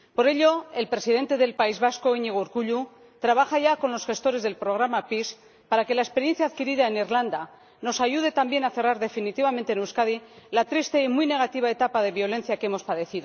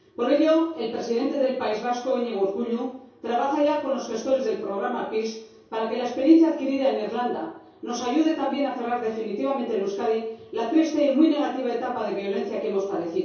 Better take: first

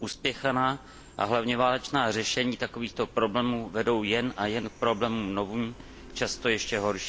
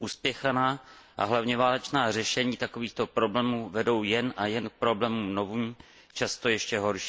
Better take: second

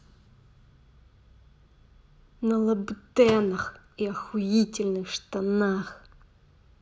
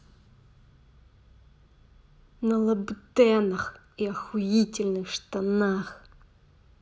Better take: second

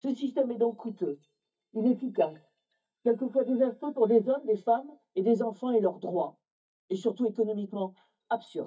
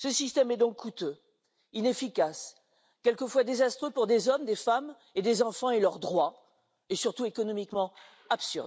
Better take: second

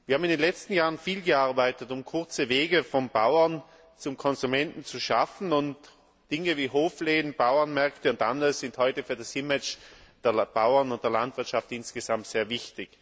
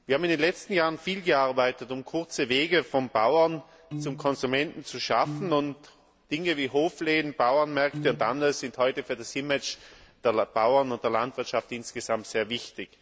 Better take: first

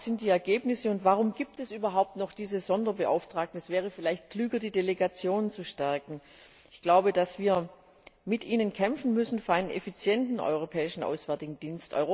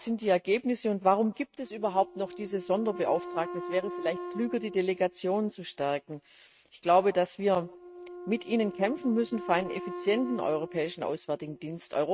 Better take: first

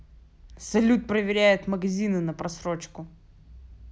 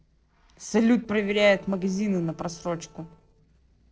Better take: first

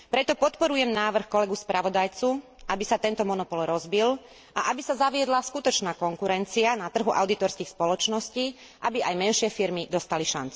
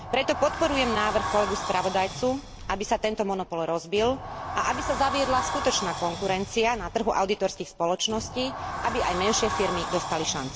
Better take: first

